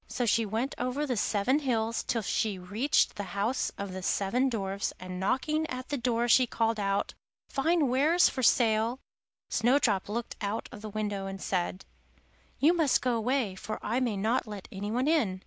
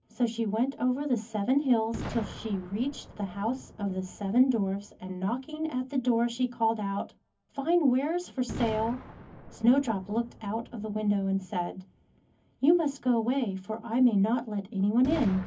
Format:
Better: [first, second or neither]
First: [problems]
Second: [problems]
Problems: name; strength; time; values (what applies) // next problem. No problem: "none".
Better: first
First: none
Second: background sound (Boom); 17 dB below the speech // room echo; dies away in 0.3 s